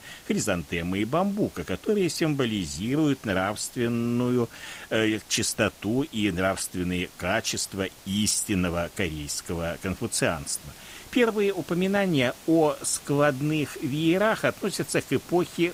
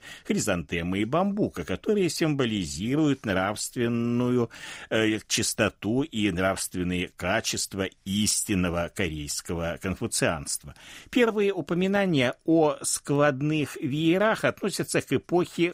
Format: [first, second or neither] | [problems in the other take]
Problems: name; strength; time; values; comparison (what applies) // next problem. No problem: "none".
second | hiss; faint; throughout; 20 dB below the speech